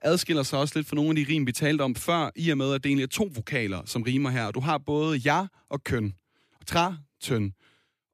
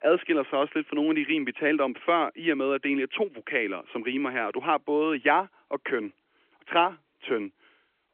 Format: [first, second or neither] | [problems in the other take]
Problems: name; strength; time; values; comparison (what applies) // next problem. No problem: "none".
first | phone-call audio